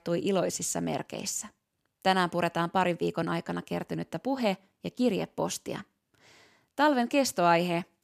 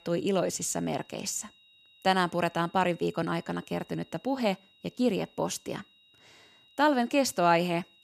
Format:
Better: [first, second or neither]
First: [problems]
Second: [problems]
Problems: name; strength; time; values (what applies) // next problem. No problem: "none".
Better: first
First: none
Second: high-pitched whine; faint; throughout; 4 kHz, 30 dB below the speech